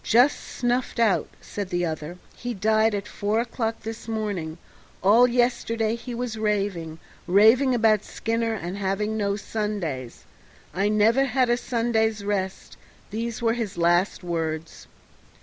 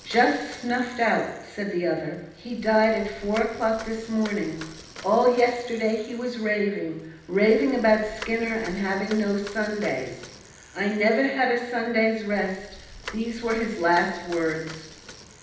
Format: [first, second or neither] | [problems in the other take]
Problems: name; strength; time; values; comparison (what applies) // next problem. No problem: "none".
first | background sound (Bicycle); 19 dB below the speech // room echo; dies away in 0.9 s